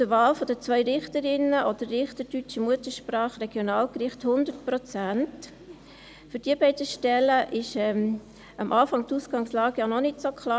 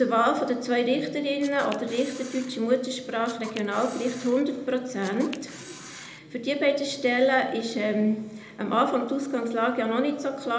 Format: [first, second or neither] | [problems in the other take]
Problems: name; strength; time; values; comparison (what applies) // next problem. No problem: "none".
first | background sound (Camera); 17 dB below the speech // room echo; dies away in 0.7 s